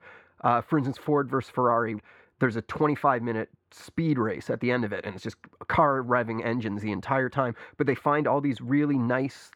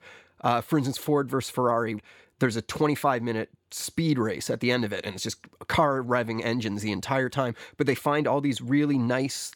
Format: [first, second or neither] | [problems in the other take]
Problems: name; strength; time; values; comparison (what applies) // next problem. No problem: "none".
second | muffled; very; fading above 3.5 kHz